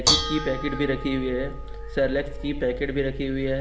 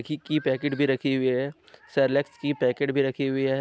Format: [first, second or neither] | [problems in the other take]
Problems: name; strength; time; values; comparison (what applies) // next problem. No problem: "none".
second | background sound (Dishes, pots, and pans / Bell); 2 dB below the speech // room echo; dies away in 0.9 s